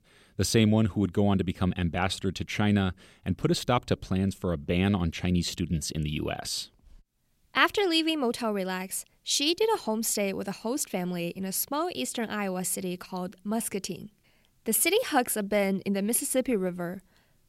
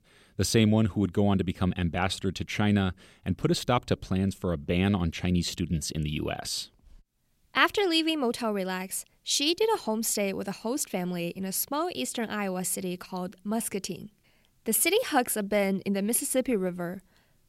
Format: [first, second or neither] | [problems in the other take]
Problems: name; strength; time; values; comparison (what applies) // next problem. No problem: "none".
neither | none